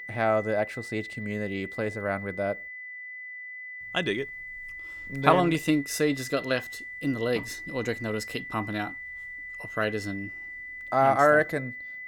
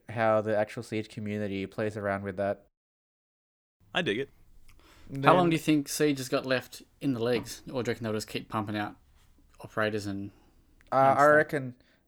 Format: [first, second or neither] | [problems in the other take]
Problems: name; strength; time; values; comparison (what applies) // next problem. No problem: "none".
second | high-pitched whine; noticeable; throughout; 2 kHz, 10 dB below the speech